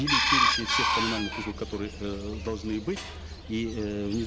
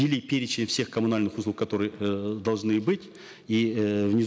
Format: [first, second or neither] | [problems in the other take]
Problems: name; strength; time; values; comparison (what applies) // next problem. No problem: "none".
second | background sound (Chicken, rooster); 3 dB above the speech